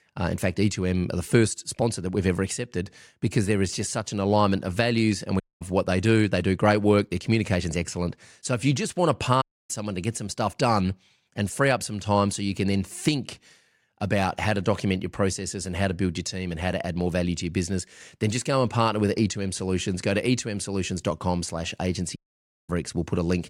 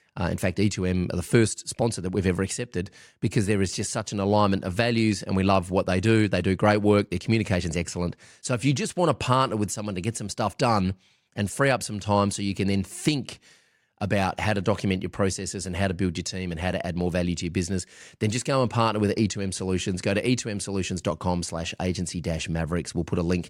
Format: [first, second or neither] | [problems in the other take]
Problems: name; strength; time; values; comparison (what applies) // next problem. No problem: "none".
second | audio cutting out; at 5.5 s, at 9.5 s and at 22 s for 0.5 s